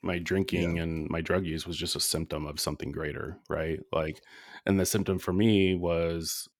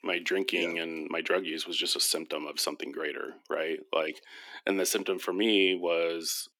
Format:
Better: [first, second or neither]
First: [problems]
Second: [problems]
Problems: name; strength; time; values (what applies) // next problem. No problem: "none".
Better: first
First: none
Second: thin; somewhat; fading below 300 Hz